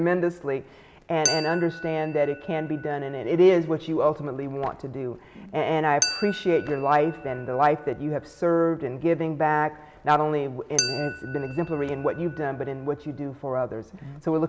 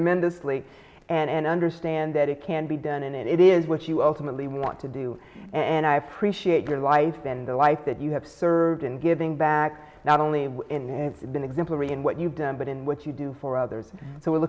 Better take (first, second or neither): second